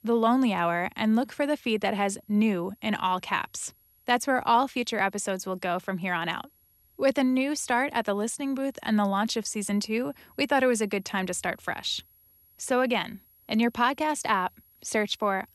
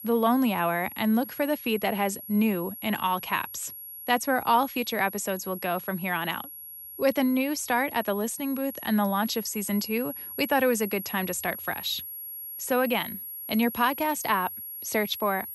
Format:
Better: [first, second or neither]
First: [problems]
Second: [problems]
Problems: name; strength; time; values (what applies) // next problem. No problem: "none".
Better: first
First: high-pitched whine; faint; throughout; 11.5 kHz, 30 dB below the speech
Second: high-pitched whine; loud; throughout; 11.5 kHz, 10 dB below the speech